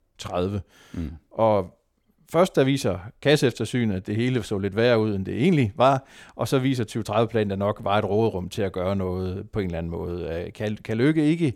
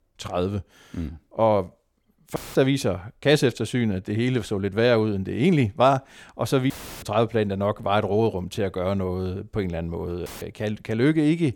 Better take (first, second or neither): first